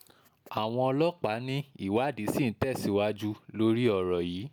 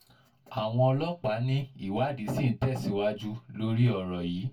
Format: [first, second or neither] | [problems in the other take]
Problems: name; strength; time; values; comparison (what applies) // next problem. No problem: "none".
first | room echo; dies away in 0.1 s